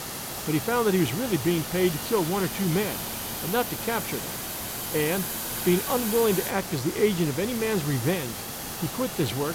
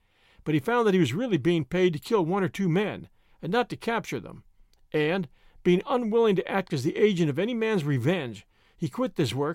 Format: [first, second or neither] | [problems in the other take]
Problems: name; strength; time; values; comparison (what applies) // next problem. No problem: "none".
second | hiss; loud; throughout; 4 dB below the speech